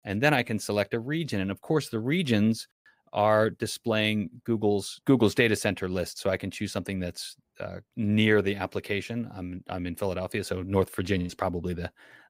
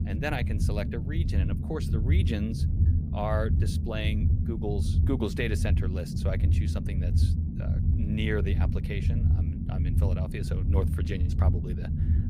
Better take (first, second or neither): first